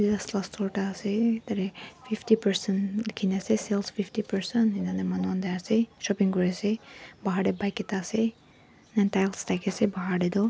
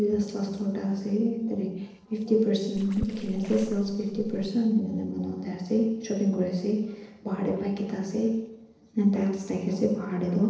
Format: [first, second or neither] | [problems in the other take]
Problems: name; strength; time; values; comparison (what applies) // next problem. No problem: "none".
first | noise reduction (neural separator model SepFormer DNS4)